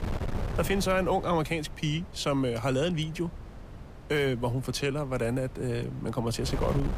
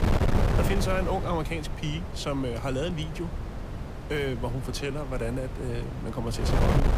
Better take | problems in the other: first | wind noise on the microphone; heavy; 4 dB below the speech; occasional gusts in the first

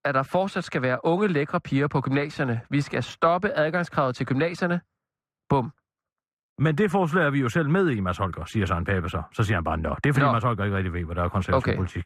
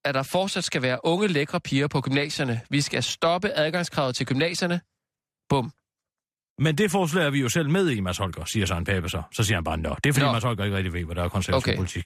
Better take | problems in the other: second | muffled; very; fading above 2.5 kHz

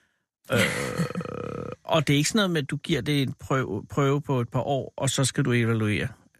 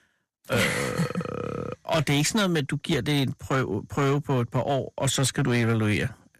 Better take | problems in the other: first | distortion; slight; 10% of the sound clipped

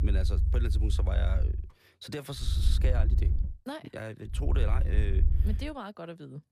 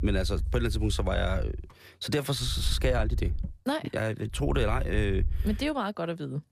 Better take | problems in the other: second | low rumble; loud; until 1.5 s, at 2.5 s and from 4.5 to 5.5 s; 7 dB below the speech; faint in the second

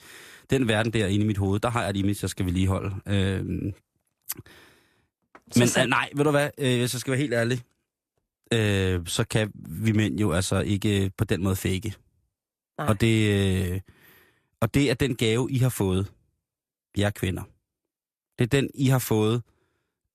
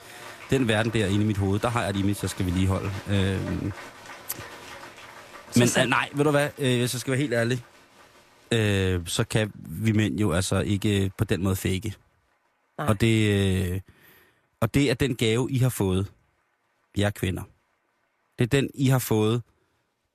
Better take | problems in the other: first | crowd noise; noticeable; throughout; 20 dB below the speech

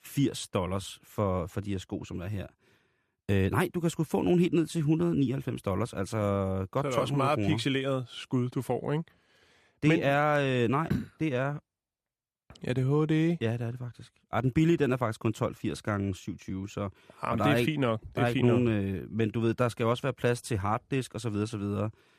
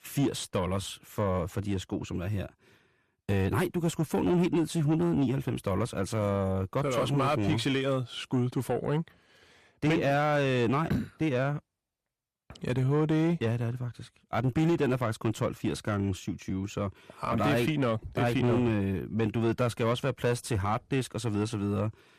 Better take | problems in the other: first | distortion; slight; 10 dB below the speech

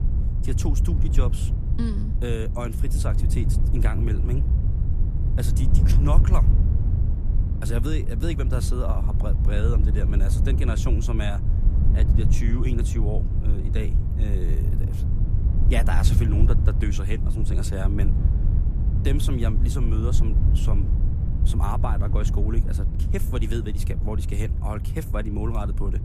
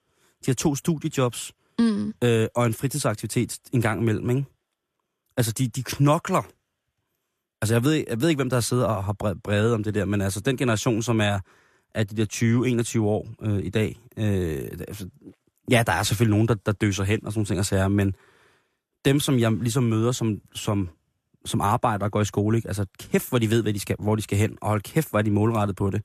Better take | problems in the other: second | wind noise on the microphone; heavy; 5 dB below the speech

